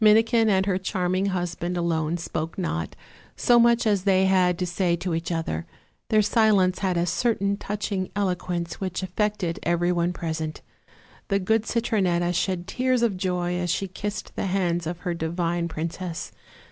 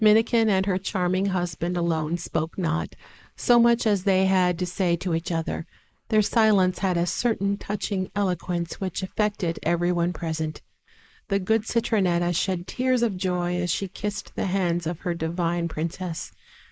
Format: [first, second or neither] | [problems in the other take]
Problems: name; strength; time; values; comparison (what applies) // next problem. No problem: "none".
first | noise reduction (neural mask model Resemble Enhance denoiser)